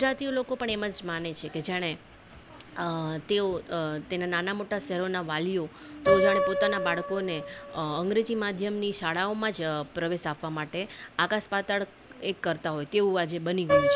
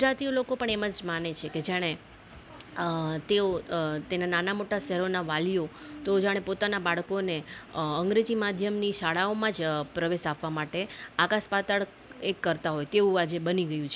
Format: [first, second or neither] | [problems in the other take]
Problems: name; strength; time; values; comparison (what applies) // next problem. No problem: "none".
second | background sound (Piano); 4 dB below the speech